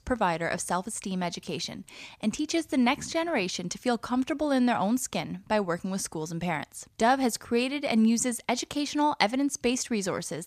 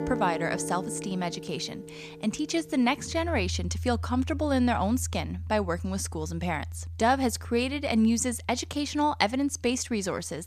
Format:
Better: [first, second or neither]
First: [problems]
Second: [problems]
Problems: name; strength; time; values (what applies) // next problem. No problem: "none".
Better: first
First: none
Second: background music; noticeable; throughout; 10 dB below the speech